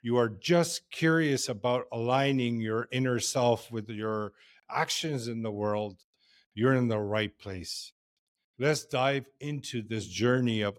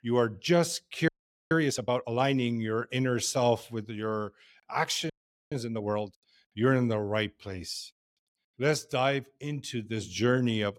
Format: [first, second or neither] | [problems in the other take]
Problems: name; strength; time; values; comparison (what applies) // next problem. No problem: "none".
first | audio freezing; at 1 s and at 5 s